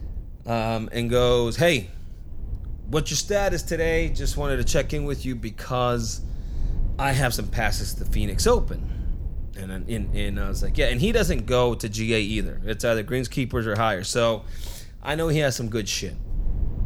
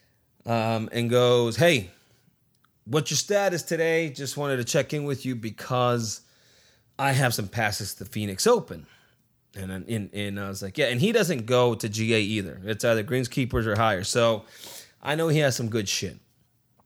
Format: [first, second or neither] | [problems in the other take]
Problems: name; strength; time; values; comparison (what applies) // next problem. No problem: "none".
second | low rumble; faint; throughout; 25 dB below the speech